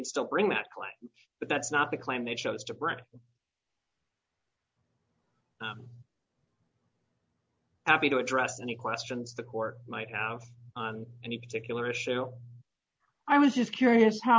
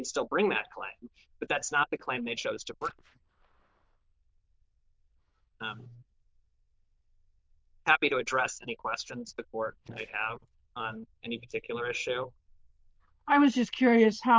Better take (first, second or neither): first